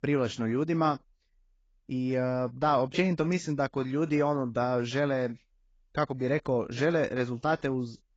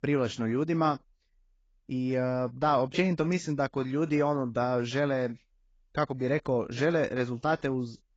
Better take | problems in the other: neither | garbled, watery; badly; nothing above 7.5 kHz; the same in both

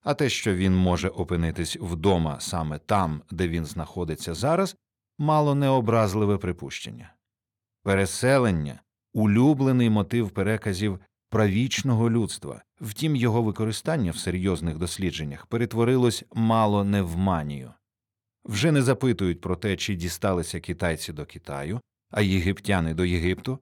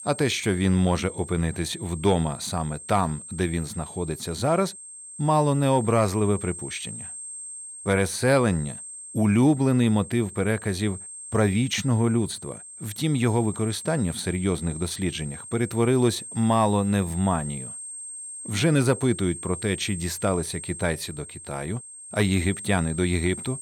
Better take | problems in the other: first | high-pitched whine; noticeable; throughout; 8.5 kHz, 10 dB below the speech

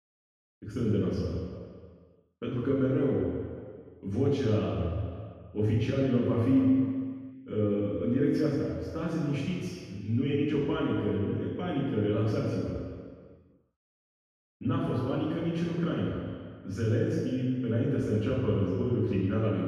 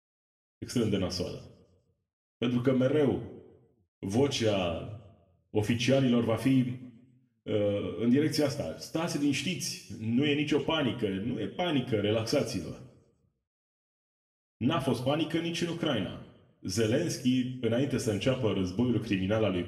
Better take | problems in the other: second | room echo; strong; dies away in 1.8 s; slight in the second // off-mic speech; far; somewhat distant in the second

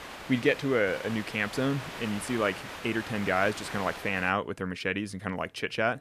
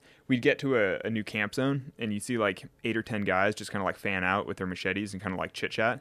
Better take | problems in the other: second | hiss; noticeable; until 4.5 s; 10 dB below the speech

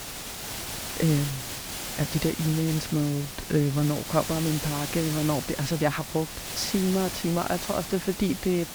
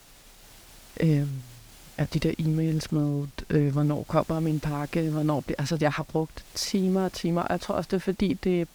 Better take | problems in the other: second | hiss; loud; throughout; 6 dB below the speech; faint in the second

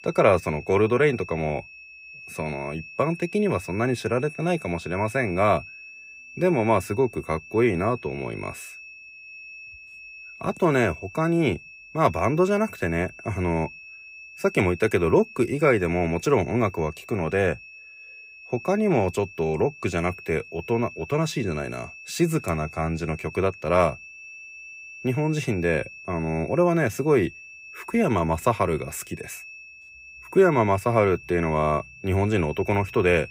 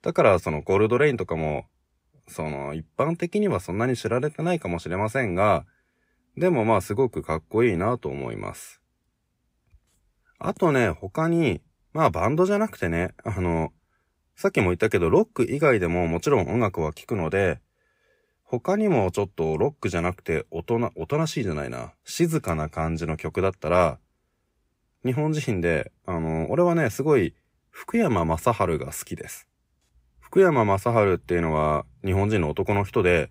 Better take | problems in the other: second | high-pitched whine; noticeable; throughout; 2.5 kHz, 15 dB below the speech

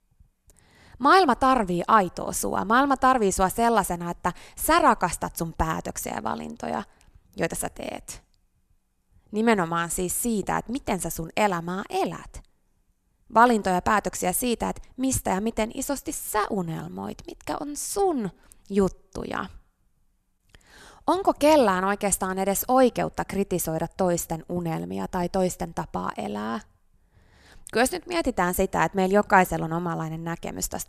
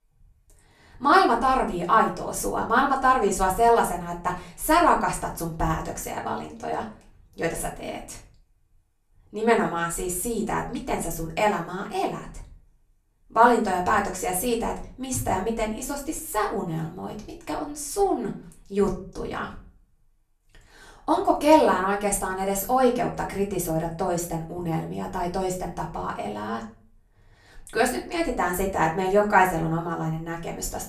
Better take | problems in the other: first | off-mic speech; far // room echo; very slight; dies away in 0.4 s

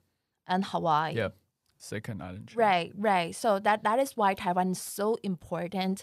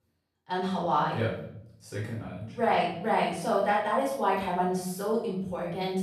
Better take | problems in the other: first | room echo; noticeable; dies away in 0.7 s // off-mic speech; far

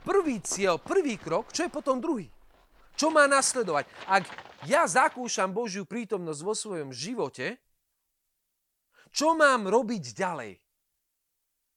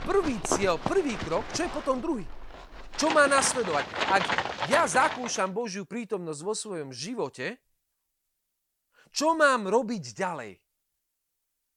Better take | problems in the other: first | animal sounds; loud; until 5 s; 5 dB below the speech; faint in the first

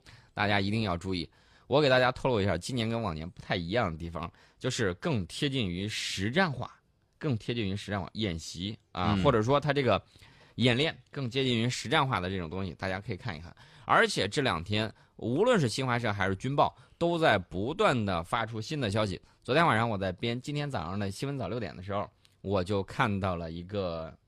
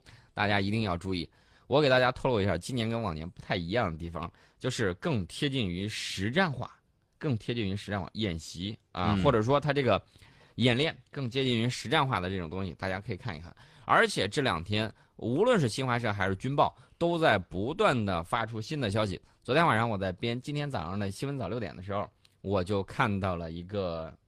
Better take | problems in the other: first | garbled, watery; slightly; nothing above 14.5 kHz

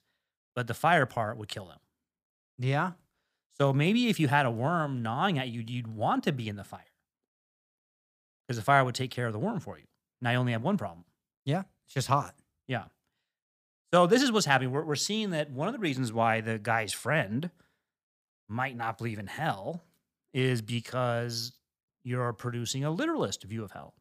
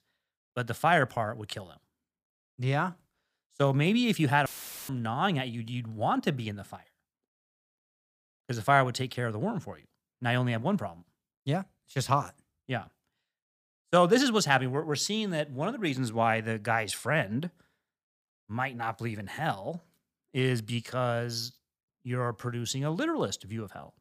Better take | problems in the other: first | audio cutting out; filled with static; at 4.5 s

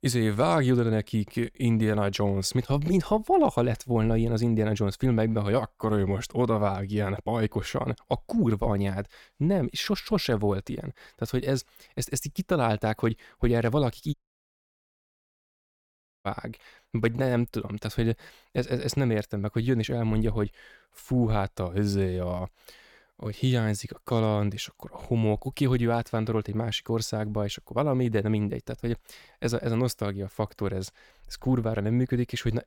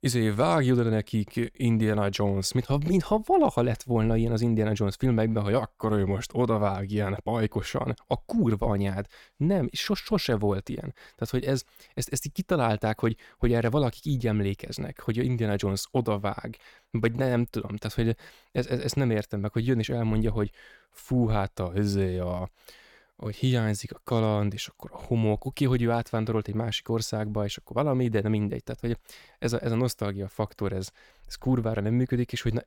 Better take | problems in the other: second | audio cutting out; at 14 s for 2 s

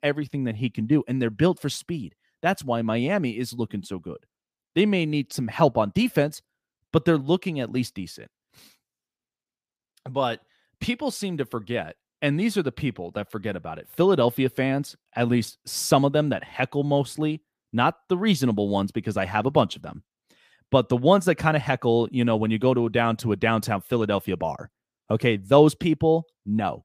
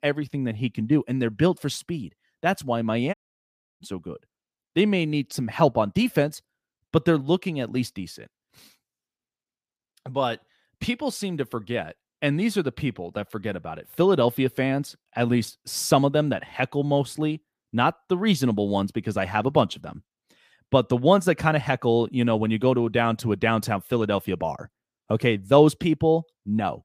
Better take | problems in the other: first | audio cutting out; at 3 s for 0.5 s

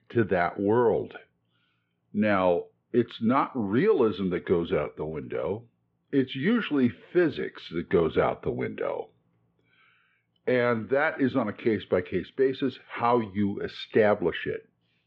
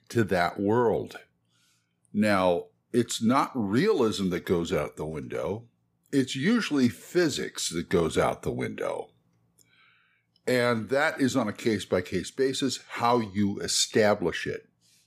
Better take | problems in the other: second | muffled; very; fading above 3 kHz

